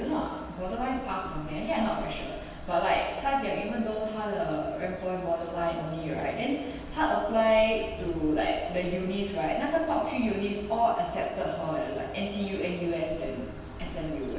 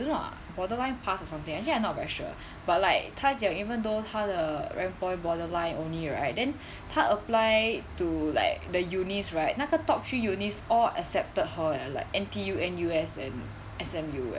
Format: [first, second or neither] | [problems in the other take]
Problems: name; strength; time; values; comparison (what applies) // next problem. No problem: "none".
second | background sound (Cricket / Bird); 17 dB below the speech // room echo; dies away in 1.2 s